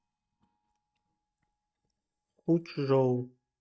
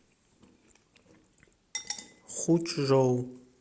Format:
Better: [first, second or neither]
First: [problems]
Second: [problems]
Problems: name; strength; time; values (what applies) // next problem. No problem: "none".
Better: second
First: noise reduction (neural mask model DeepFilterNet 3)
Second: none